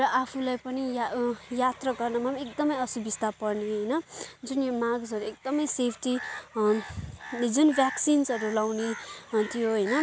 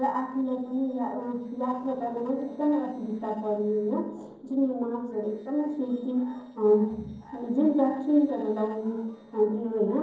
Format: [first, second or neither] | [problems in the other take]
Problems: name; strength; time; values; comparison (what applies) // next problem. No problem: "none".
first | noise reduction (neural separator model SepFormer DNS4)